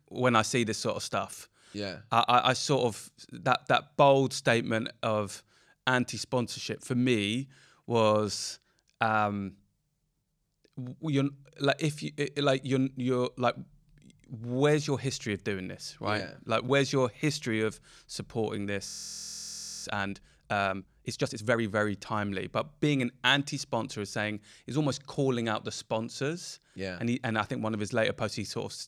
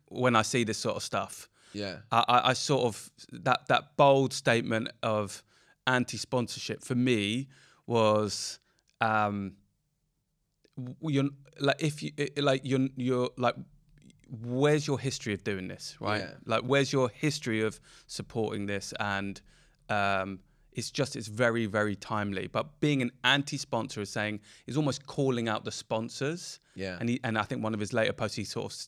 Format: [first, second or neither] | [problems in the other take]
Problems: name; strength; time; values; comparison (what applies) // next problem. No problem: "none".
second | audio freezing; at 19 s for 1 s